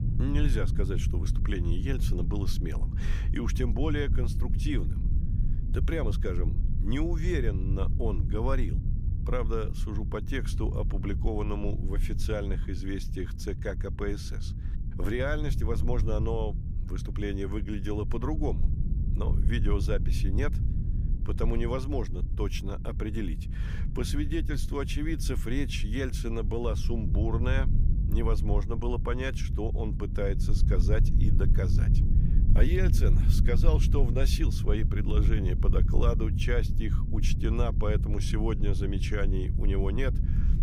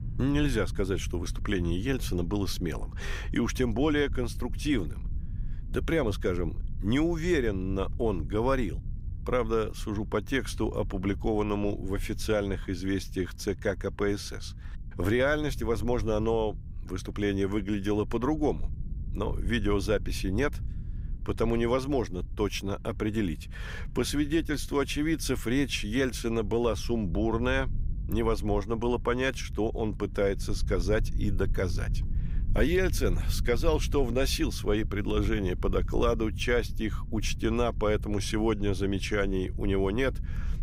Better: second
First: low rumble; loud; throughout; 9 dB below the speech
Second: low rumble; faint; throughout; 20 dB below the speech

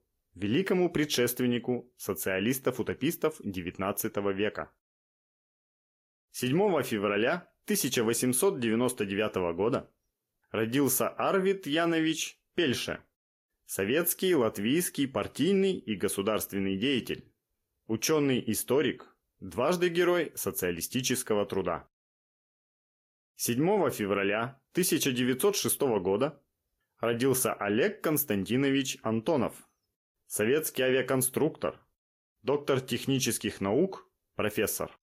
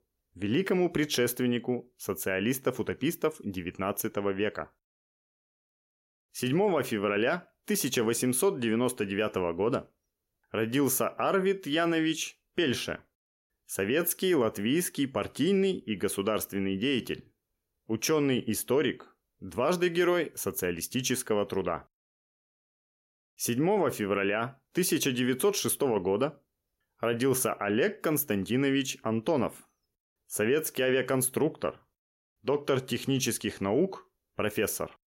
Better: second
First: garbled, watery; slightly; nothing above 14.5 kHz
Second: none

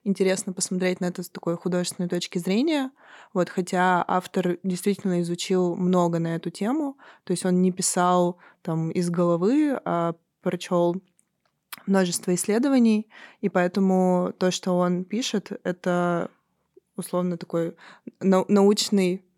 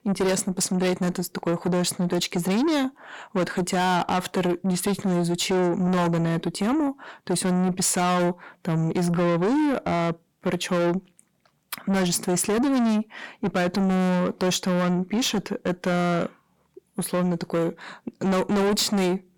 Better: first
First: none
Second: distortion; heavy; 7 dB below the speech

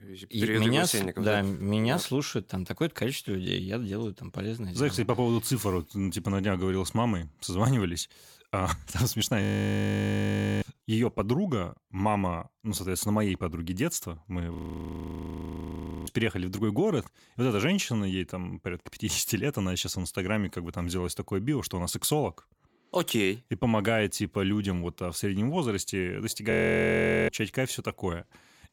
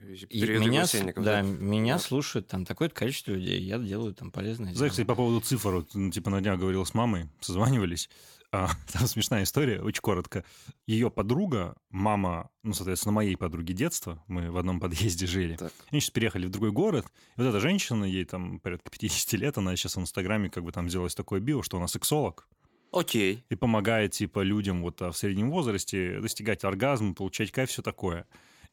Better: second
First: audio freezing; at 9.5 s for 1 s, at 15 s for 1.5 s and at 27 s for 1 s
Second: none

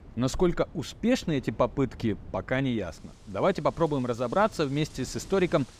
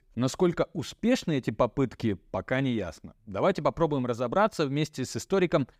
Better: second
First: wind in the background; noticeable; throughout; 20 dB below the speech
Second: none

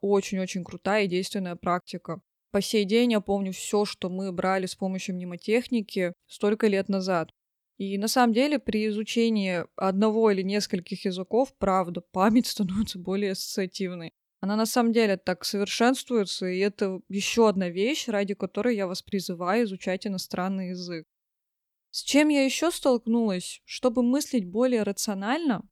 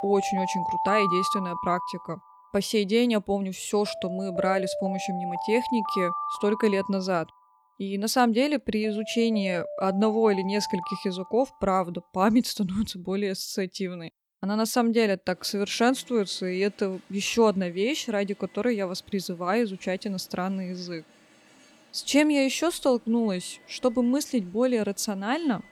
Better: first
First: none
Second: alarms or sirens; loud; throughout; 6 dB below the speech

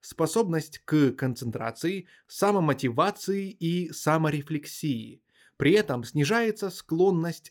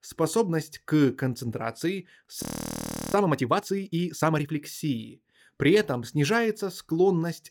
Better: first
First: none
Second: audio freezing; at 2.5 s for 0.5 s

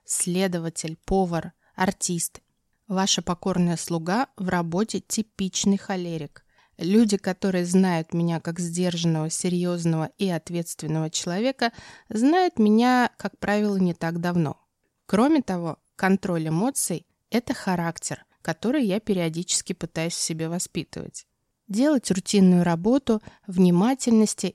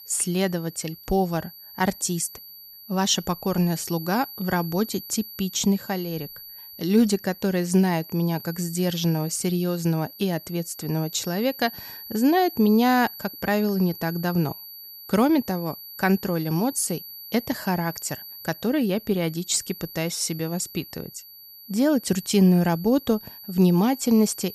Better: first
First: none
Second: high-pitched whine; noticeable; throughout; 12 kHz, 15 dB below the speech

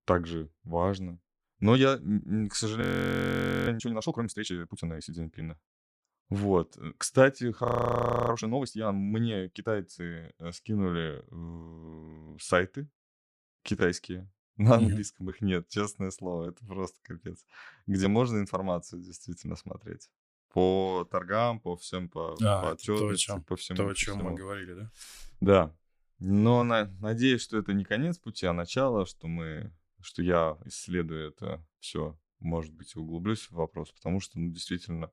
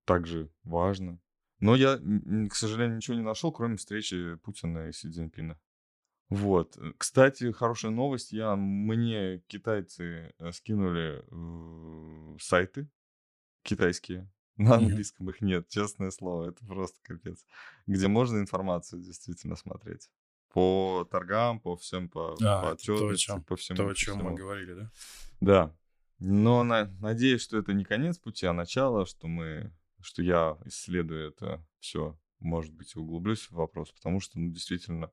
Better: second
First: audio freezing; at 3 s for 1 s and at 7.5 s for 0.5 s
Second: none

